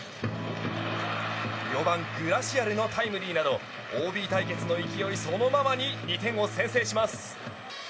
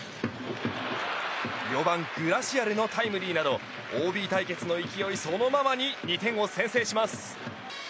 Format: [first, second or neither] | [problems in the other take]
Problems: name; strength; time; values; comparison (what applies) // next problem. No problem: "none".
second | background sound (Electric guitar / Strum); 9 dB below the speech // room echo; dies away in 1.6 s